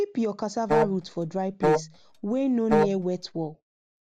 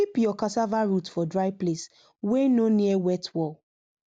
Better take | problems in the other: second | background sound (Wind instrument, woodwind instrument); 1 dB above the speech

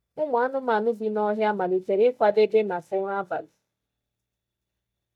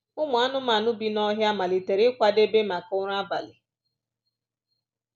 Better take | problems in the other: second | noise reduction (neural mask model DeepFilterNet 3)

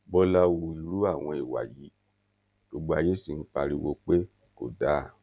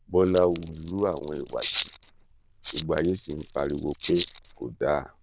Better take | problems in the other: first | noise reduction (neural diffusion model UNIVERSE++)

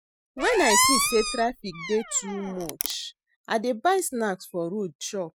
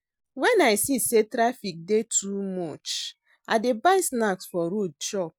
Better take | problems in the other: second | noise reduction (classical method spectral subtraction)

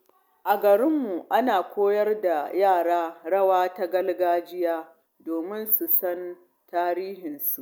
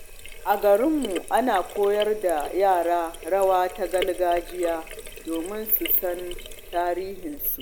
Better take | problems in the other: first | background sound (Sink (filling or washing)); 13 dB below the speech

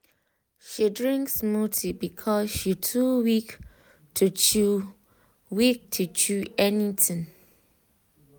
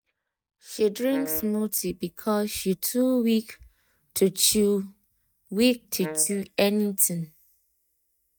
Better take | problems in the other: first | noise reduction (neural mask model DeepFilterNet 3)

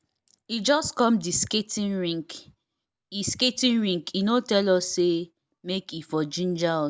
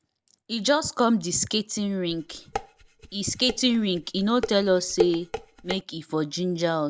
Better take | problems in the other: first | background sound (Dishes, pots, and pans); 9 dB below the speech

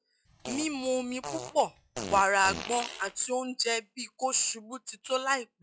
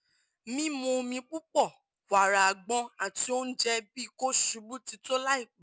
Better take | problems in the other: second | noise reduction (classical method log-MMSE)

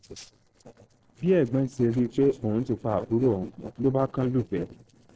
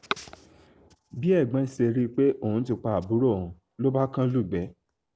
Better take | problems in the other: second | noise reduction (neural separator model SepFormer DNS4)

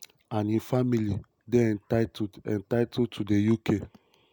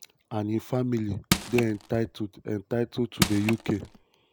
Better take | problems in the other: first | background sound (Crushing); 1 dB below the speech

